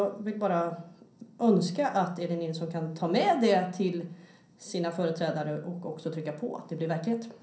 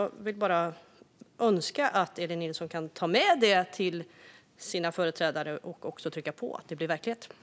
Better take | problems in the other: second | room echo; dies away in 0.6 s

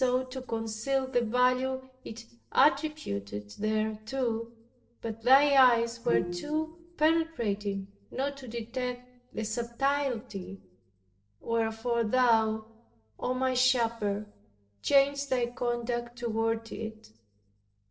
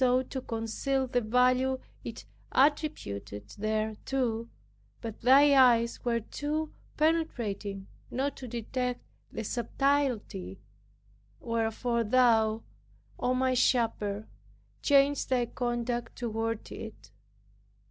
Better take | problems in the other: second | noise reduction (neural separator model SepFormer DNS4)

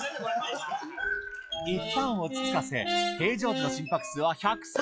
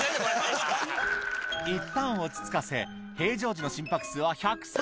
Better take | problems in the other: second | noise reduction (classical method log-MMSE)

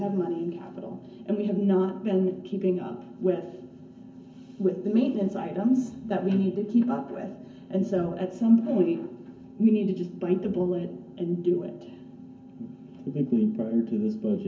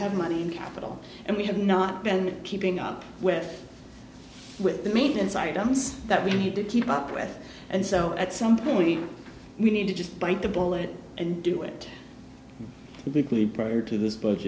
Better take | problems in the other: second | room echo; dies away in 0.3 s

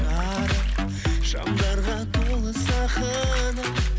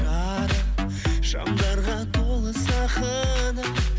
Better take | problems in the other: second | background sound (Bathtub (filling or washing)); 18 dB below the speech

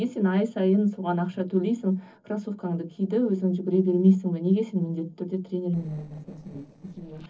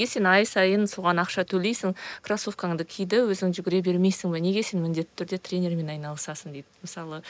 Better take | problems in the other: second | noise reduction (neural separator model SepFormer DNS4)

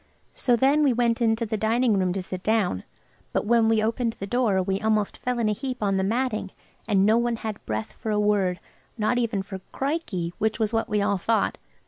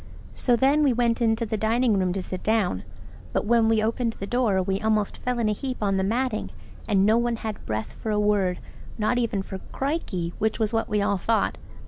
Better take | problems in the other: first | background sound (Boat, Water vehicle); 9 dB below the speech

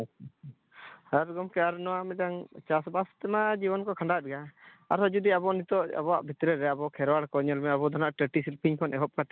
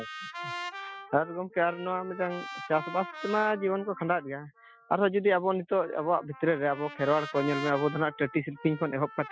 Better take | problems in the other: first | noise reduction (classical method Wiener filter)

